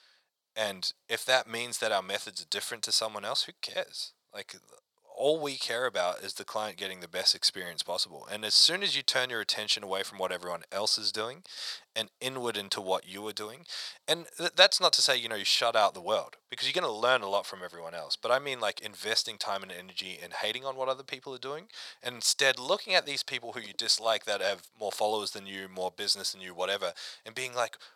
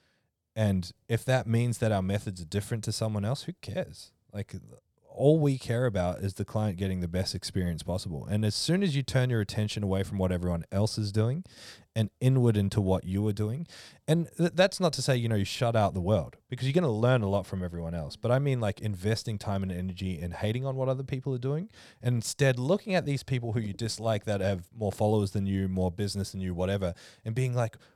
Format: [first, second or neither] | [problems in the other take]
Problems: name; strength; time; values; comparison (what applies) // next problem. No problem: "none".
second | thin; very; fading below 750 Hz